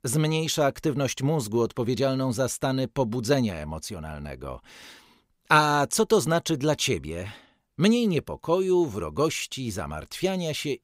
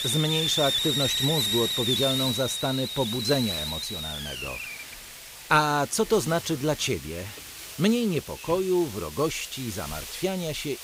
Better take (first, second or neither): first